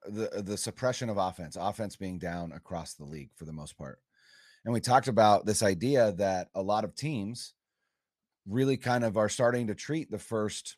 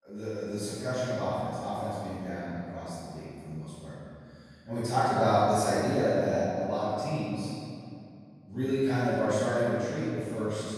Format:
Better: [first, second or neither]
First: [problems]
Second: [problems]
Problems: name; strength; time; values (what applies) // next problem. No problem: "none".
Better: first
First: none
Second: off-mic speech; far // room echo; strong; dies away in 2.3 s